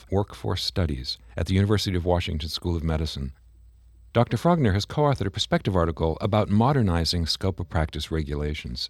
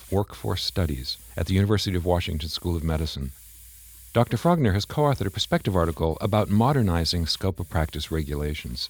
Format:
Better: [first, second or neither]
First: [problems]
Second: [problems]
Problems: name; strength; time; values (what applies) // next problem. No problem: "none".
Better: first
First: none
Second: hiss; faint; throughout; 20 dB below the speech